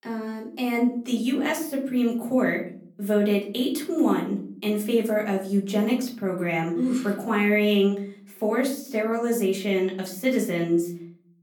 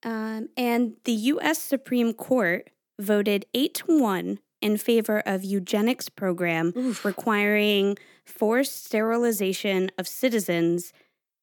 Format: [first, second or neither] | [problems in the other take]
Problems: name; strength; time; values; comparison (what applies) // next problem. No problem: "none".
second | off-mic speech; far // room echo; slight; dies away in 0.5 s